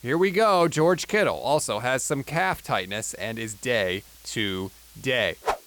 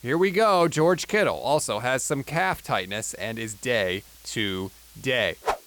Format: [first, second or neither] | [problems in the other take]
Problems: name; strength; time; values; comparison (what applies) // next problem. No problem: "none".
neither | hiss; faint; throughout; 25 dB below the speech; the same in both